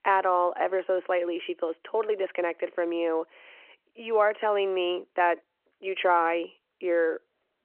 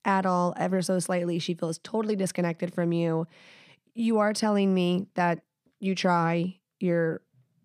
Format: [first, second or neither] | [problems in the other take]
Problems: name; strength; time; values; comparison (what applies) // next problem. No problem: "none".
second | phone-call audio